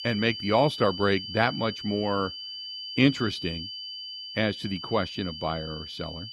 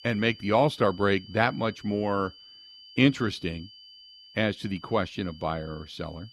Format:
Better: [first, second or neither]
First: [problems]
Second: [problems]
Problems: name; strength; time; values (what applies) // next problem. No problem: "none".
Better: second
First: high-pitched whine; loud; throughout; 3 kHz, 9 dB below the speech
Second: high-pitched whine; faint; throughout; 3 kHz, 20 dB below the speech